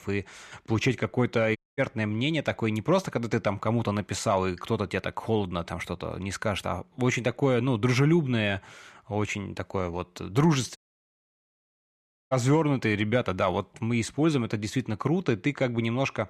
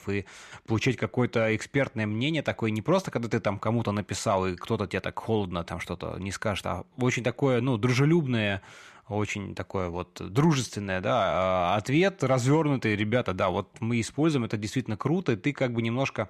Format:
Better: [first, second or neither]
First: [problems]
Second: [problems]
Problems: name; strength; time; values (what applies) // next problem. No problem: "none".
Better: second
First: audio cutting out; at 1.5 s and at 11 s for 1.5 s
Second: none